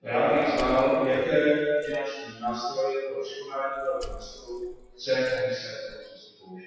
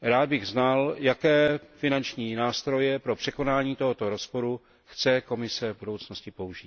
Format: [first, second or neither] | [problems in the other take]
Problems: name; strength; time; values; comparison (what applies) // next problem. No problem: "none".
second | noise reduction (classical method WPE with log-MMSE)